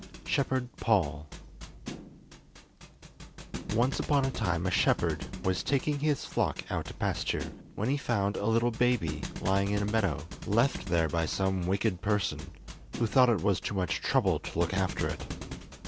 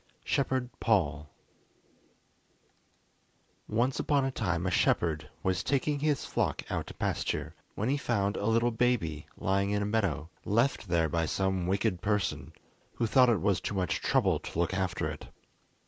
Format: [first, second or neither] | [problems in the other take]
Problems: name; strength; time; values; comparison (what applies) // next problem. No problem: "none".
second | background sound (Thump, thud); 12 dB below the speech